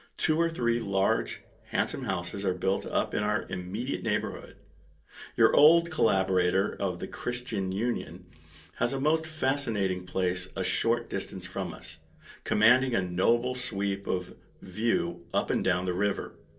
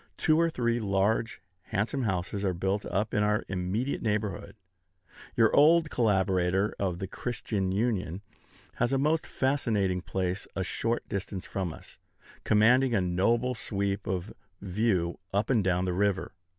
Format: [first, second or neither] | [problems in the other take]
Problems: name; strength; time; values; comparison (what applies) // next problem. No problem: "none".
second | room echo; dies away in 0.2 s